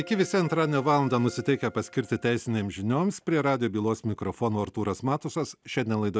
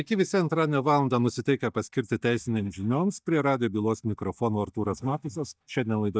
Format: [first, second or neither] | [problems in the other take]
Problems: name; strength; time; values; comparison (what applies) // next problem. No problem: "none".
first | noise reduction (neural mask model DeepFilterNet 3)